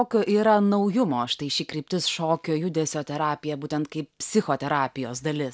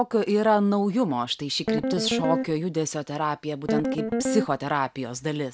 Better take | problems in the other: first | background sound (Guitar); 2 dB below the speech

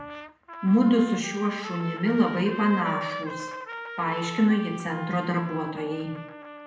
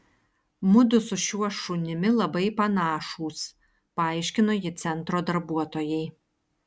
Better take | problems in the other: second | background sound (Trumpet); 12 dB below the speech // room echo; dies away in 0.7 s

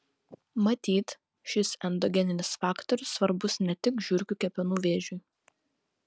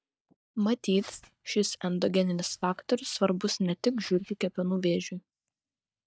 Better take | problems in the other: first | noise reduction (neural mask model DeepFilterNet 3)

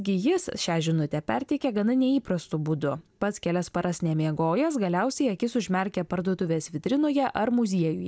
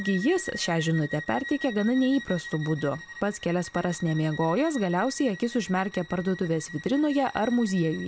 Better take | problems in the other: first | background sound (Bowed string instrument); 14 dB below the speech

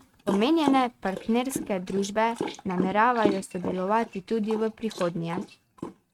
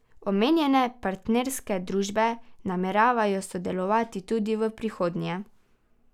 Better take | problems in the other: second | noise reduction (neural mask model RNNoise)

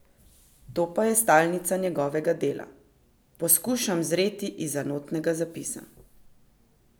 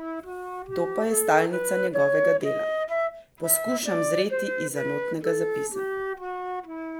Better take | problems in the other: first | background sound (Wind instrument, woodwind instrument); 1 dB above the speech

